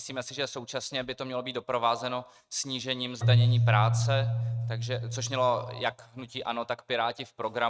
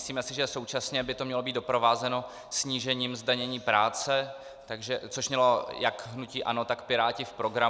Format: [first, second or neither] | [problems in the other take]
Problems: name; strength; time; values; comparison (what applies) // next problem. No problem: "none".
second | noise reduction (neural mask model RNNoise)